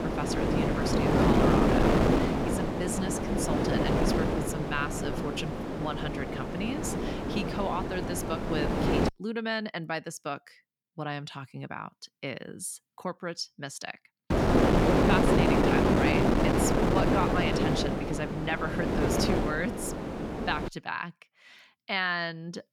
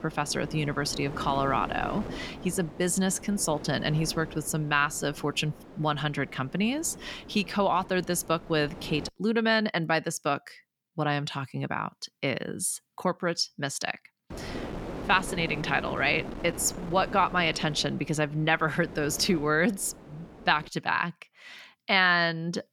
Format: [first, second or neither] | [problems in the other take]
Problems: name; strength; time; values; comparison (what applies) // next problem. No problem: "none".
second | wind noise on the microphone; heavy; until 9 s and from 14 to 21 s; 5 dB above the speech; occasional gusts in the second